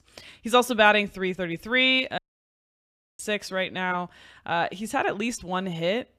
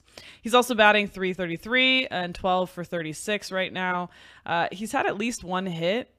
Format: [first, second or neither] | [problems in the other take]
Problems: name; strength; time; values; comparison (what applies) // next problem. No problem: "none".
second | audio cutting out; at 2 s for 1 s